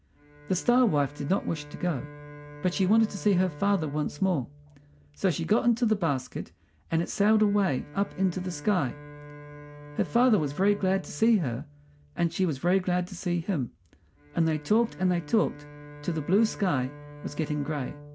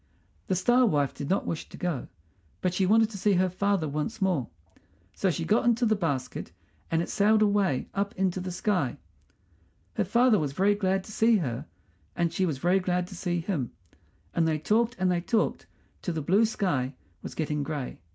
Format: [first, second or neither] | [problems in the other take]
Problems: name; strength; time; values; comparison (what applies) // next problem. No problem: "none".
second | background sound (Bowed string instrument); 18 dB below the speech